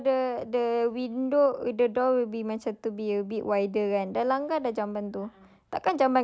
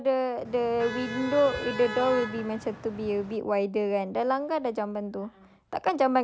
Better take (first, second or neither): first